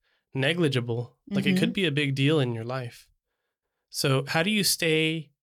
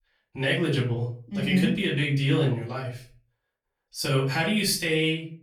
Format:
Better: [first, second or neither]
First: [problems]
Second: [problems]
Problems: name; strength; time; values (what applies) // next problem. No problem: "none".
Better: first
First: none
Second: off-mic speech; far // room echo; slight; dies away in 0.3 s